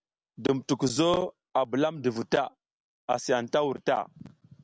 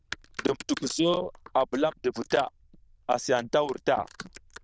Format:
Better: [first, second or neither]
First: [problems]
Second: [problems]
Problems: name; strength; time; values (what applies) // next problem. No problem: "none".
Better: first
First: none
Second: noise reduction (neural diffusion model UNIVERSE++)